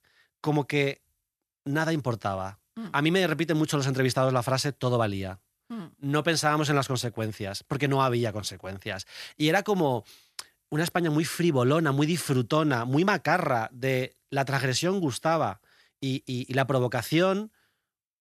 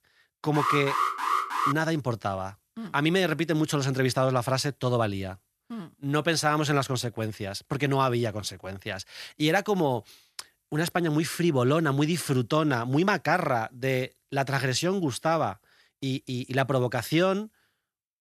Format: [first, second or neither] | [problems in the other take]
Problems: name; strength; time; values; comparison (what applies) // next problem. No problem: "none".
first | alarm; loud; from 0.5 to 1.5 s; peak 1 dB above the speech